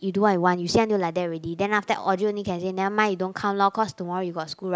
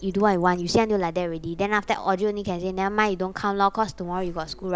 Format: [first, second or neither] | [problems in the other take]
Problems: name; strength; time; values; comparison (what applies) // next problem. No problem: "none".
first | background sound (Printer); 19 dB below the speech